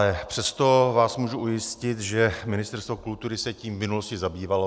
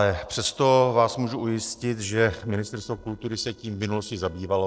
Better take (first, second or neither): first